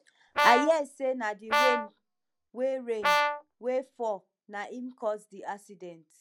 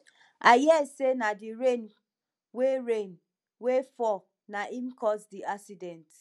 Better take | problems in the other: second | background sound (Brass instrument); 2 dB above the speech

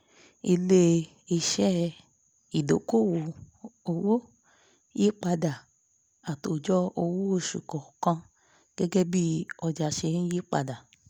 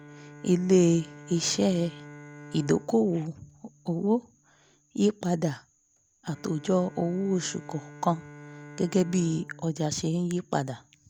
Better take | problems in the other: first | background sound (Bowed string instrument); 20 dB below the speech

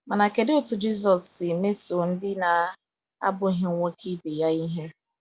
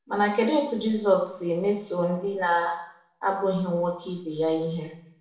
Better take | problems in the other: first | room echo; dies away in 0.6 s

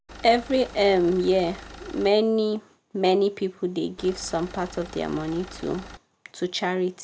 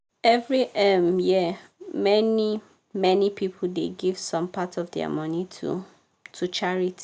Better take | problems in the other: second | background sound (Engine); 17 dB below the speech

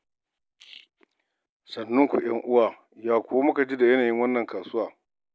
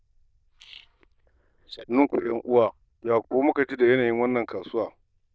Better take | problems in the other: first | noise reduction (neural diffusion model UNIVERSE++)

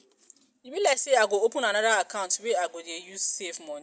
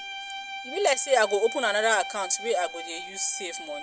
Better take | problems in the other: first | background sound (Bowed string instrument); 11 dB below the speech

